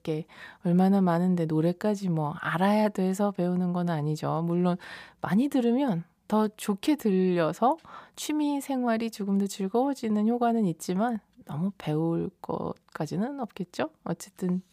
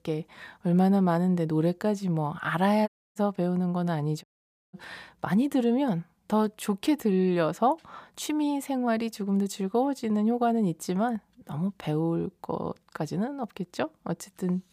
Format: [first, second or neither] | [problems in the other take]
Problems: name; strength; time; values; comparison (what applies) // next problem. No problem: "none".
first | audio cutting out; at 3 s and at 4 s